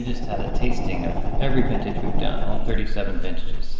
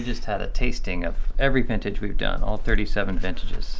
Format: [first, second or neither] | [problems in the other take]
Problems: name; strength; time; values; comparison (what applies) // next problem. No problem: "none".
second | background sound (Fire); 13 dB below the speech // room echo; dies away in 2.1 s